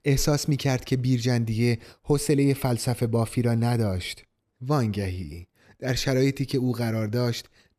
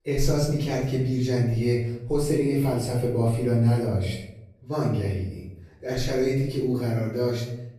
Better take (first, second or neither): first